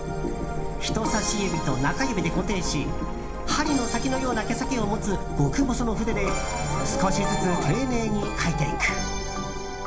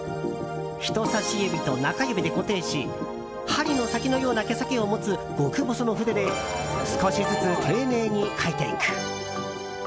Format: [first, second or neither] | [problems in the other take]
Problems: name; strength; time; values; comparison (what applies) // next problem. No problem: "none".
second | background sound (Printer); 5 dB below the speech // room echo; dies away in 0.4 s